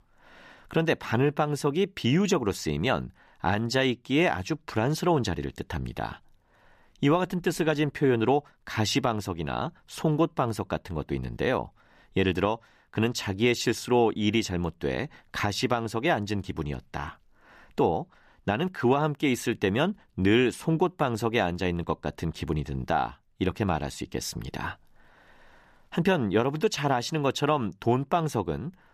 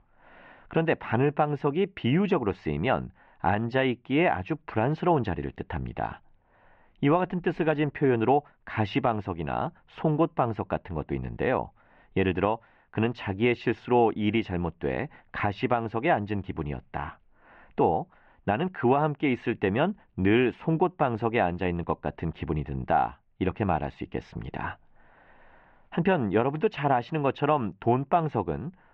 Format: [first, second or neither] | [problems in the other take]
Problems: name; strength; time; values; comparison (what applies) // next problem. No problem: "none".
first | muffled; very; fading above 2.5 kHz